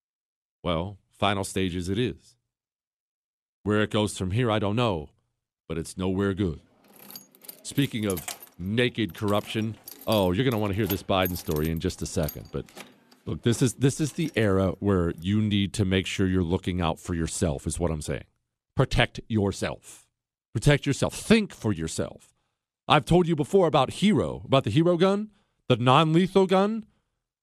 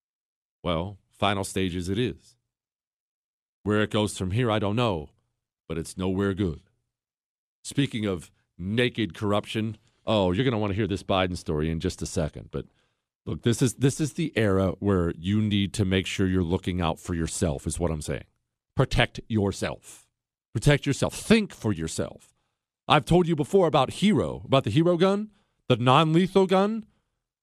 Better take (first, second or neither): second